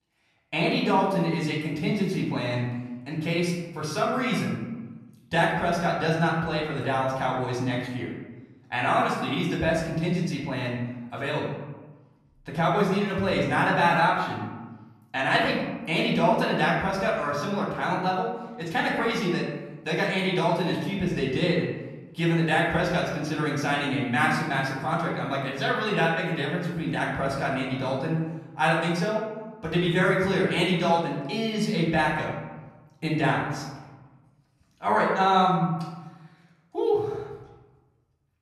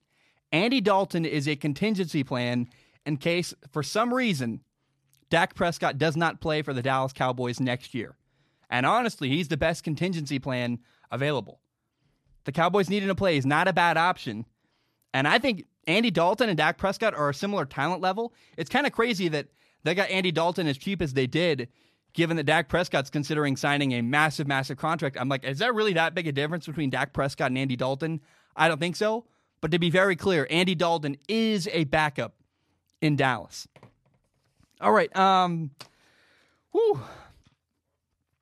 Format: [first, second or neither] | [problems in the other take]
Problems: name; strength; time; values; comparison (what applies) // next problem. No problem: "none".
second | room echo; noticeable; dies away in 1 s // off-mic speech; far